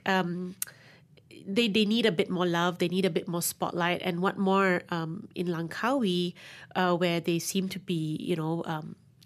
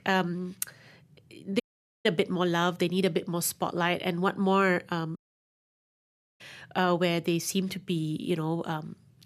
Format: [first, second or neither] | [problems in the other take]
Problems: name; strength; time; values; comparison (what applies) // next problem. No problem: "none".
first | audio cutting out; at 1.5 s and at 5 s for 1 s